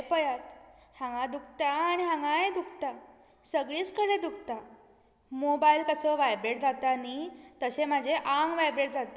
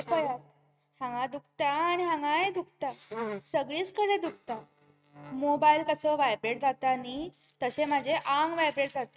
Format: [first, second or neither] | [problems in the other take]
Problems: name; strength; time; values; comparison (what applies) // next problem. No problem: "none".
first | noise reduction (neural mask model RNNoise)